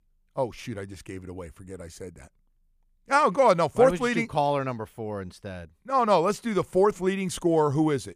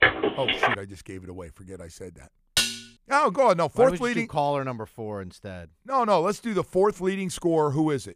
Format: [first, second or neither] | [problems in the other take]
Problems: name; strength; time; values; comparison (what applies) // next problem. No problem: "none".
first | phone ringing; loud; at the start; peak 3 dB above the speech // clattering dishes; loud; at 2.5 s; peak 1 dB above the speech